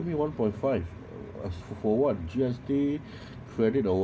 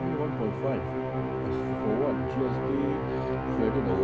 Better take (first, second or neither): first